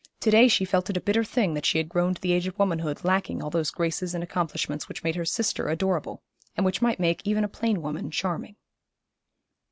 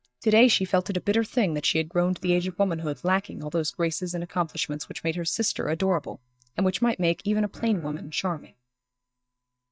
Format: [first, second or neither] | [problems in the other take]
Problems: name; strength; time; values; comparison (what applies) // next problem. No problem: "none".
first | noise reduction (neural mask model DeepFilterNet 3)